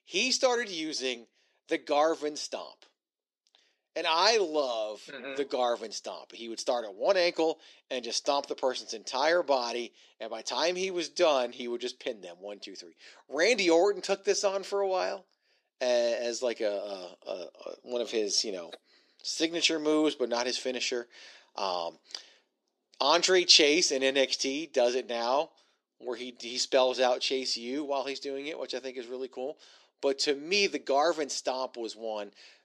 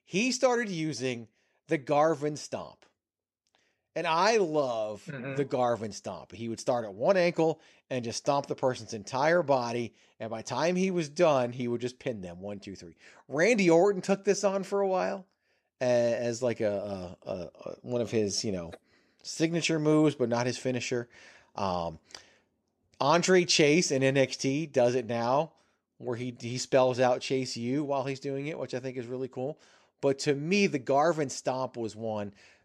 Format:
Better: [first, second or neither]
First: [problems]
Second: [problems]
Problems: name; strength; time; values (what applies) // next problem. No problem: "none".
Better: second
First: thin; somewhat; fading below 300 Hz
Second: none